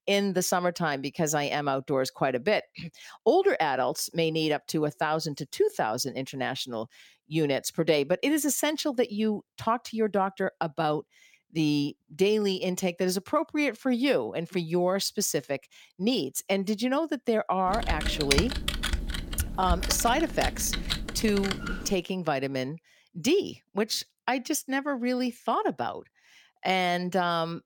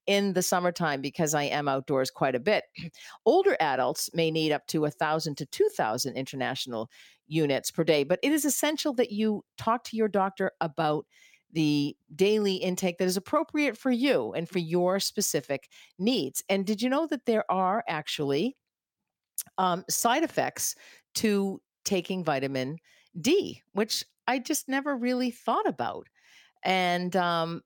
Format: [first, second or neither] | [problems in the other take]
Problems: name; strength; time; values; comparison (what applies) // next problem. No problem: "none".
second | keyboard typing; loud; from 18 to 22 s; peak 2 dB above the speech